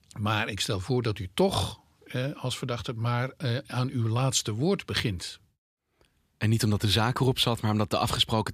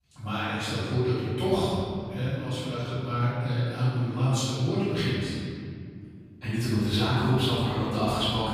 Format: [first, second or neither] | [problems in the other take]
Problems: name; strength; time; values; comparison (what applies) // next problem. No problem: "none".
first | off-mic speech; far // room echo; strong; dies away in 2.4 s